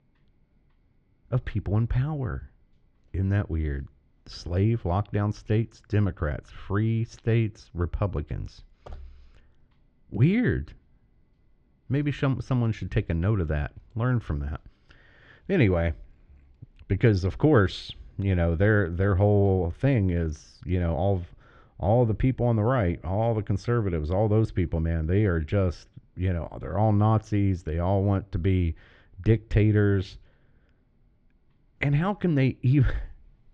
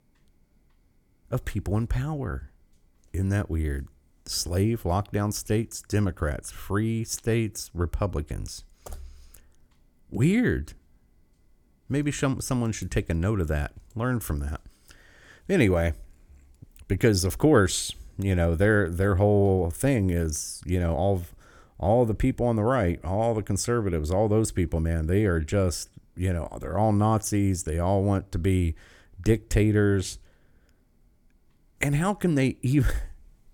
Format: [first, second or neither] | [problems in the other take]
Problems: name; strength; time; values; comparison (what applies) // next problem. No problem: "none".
second | muffled; slightly; fading above 4 kHz